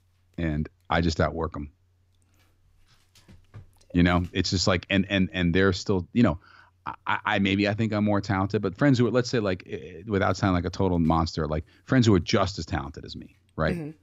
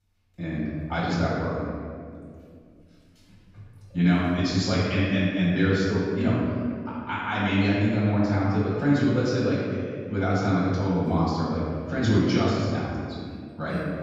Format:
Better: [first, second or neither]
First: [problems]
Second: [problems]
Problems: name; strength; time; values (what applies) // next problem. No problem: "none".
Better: first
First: none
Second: room echo; strong; dies away in 1.9 s // off-mic speech; far